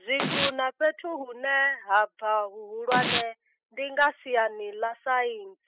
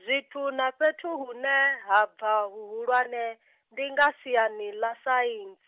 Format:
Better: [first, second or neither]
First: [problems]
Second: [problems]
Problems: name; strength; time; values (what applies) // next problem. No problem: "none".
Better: second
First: noise reduction (classical method spectral subtraction)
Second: none